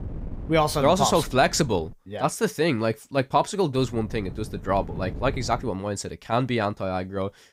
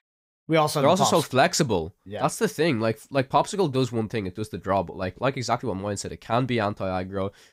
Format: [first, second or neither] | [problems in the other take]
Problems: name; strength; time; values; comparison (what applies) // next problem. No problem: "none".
second | wind noise on the microphone; occasional gusts; until 2 s and from 4 to 5.5 s; 25 dB below the speech